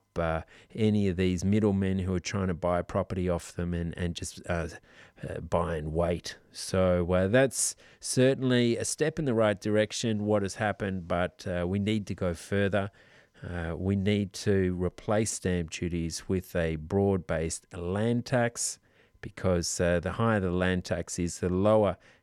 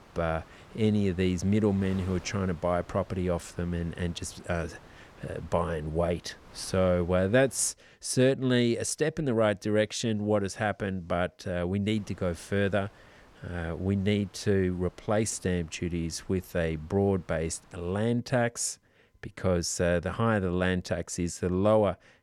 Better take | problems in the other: first | wind noise on the microphone; occasional gusts; until 7.5 s and from 12 to 18 s; 25 dB below the speech

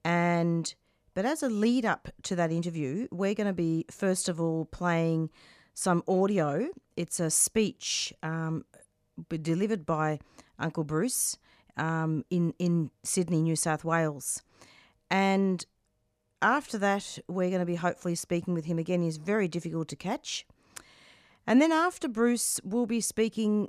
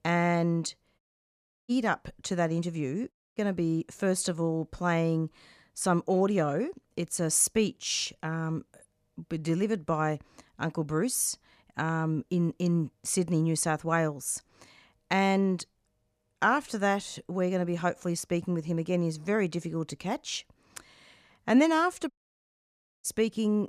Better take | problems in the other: first | audio cutting out; at 1 s for 0.5 s, at 3 s and at 22 s for 1 s

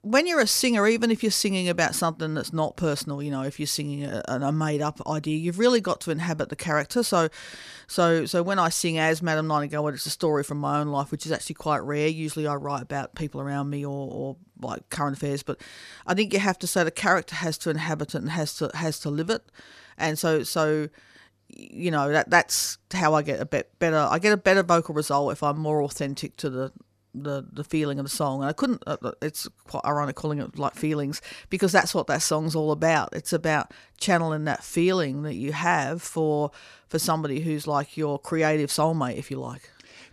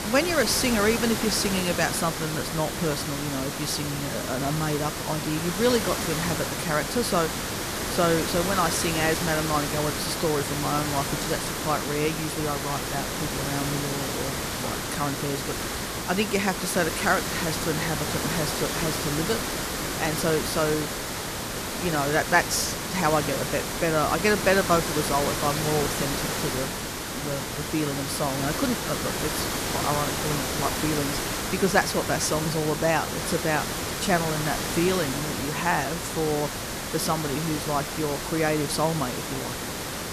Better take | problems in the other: first | hiss; loud; throughout; 2 dB below the speech

